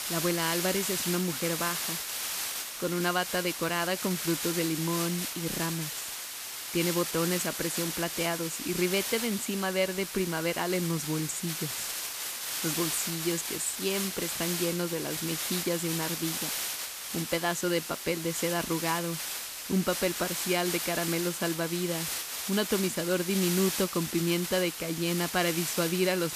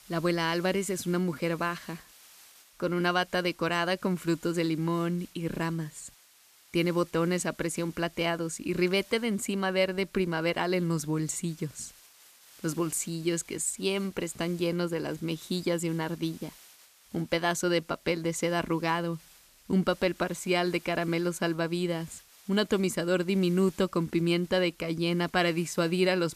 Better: second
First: hiss; loud; throughout; 2 dB below the speech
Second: hiss; faint; throughout; 25 dB below the speech

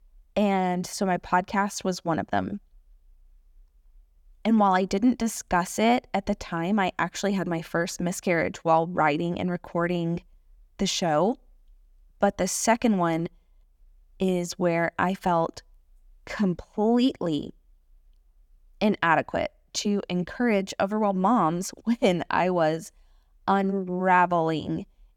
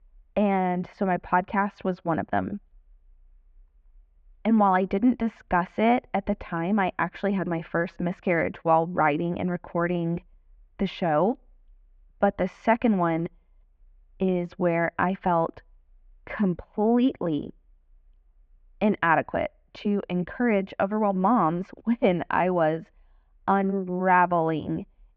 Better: first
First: none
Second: muffled; very; fading above 2.5 kHz

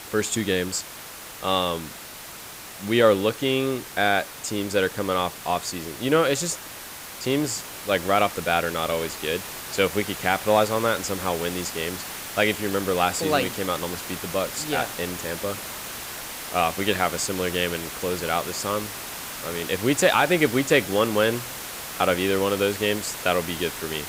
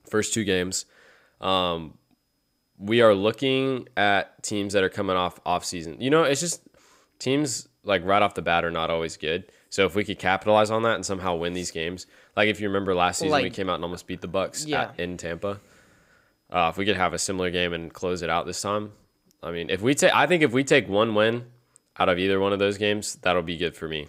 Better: second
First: hiss; loud; throughout; 9 dB below the speech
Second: none

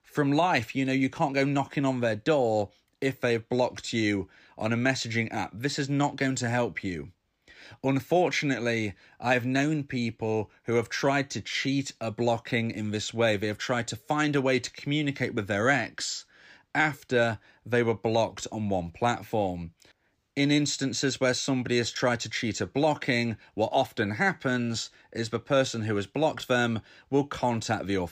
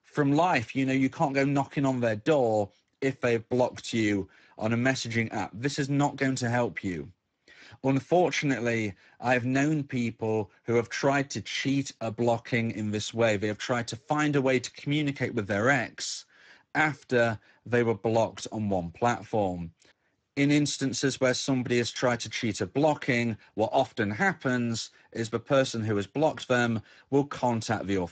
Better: first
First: none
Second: garbled, watery; badly; nothing above 7.5 kHz

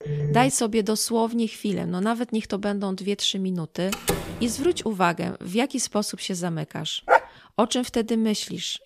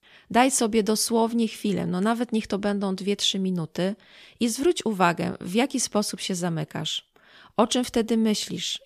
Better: second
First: phone ringing; noticeable; at the start; peak 1 dB below the speech // door banging; noticeable; at 4 s; peak 2 dB below the speech // dog barking; loud; at 7 s; peak 4 dB above the speech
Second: none

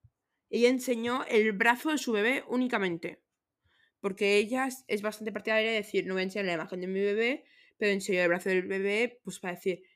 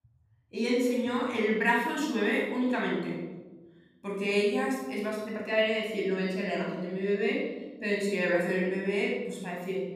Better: first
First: none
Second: off-mic speech; far // room echo; noticeable; dies away in 1.3 s

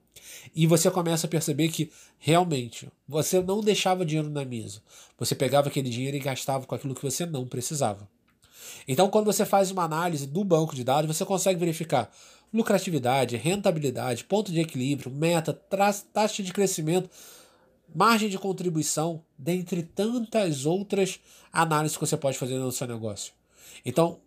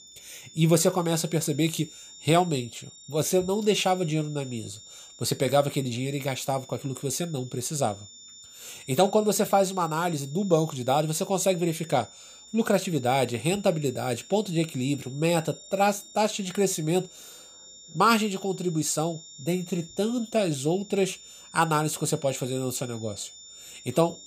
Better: first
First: none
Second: high-pitched whine; noticeable; throughout; 7 kHz, 20 dB below the speech

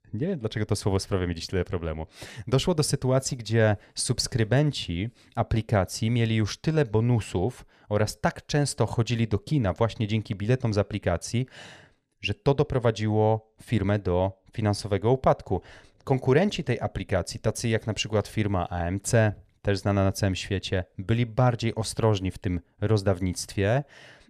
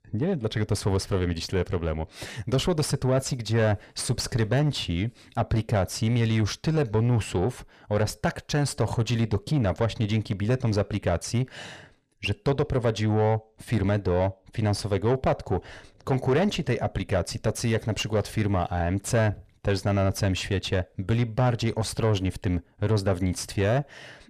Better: first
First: none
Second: distortion; slight; 10 dB below the speech

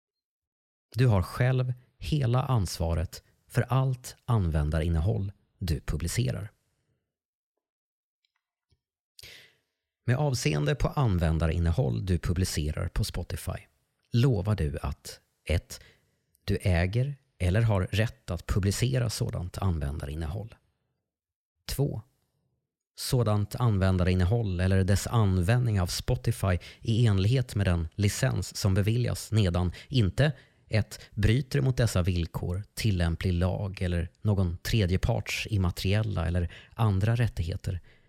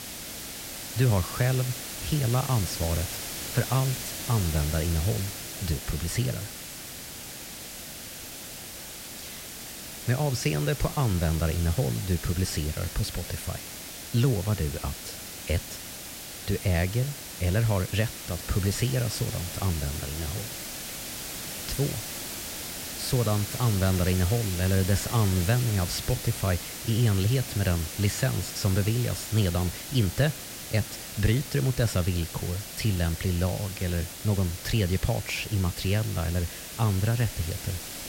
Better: first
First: none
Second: hiss; loud; throughout; 7 dB below the speech

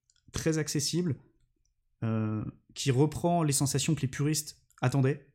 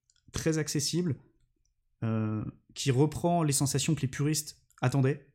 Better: neither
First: none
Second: none

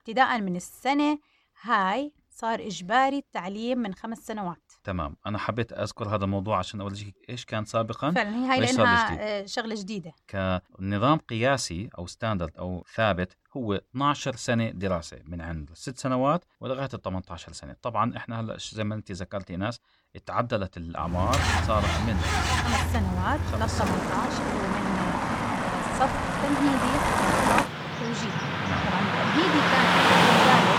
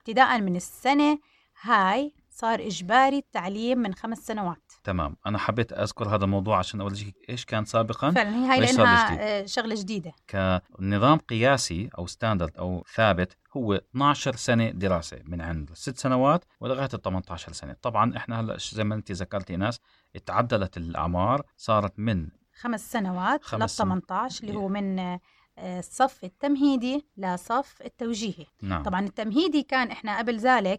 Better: second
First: traffic noise; very loud; from 21 s on; 4 dB above the speech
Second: none

